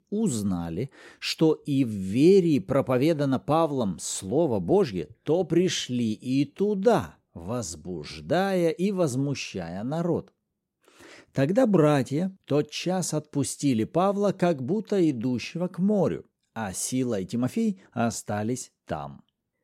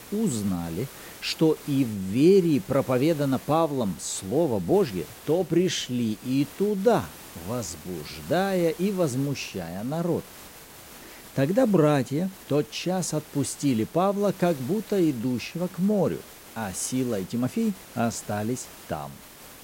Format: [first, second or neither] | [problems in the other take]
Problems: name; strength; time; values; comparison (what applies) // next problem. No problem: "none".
first | hiss; noticeable; throughout; 20 dB below the speech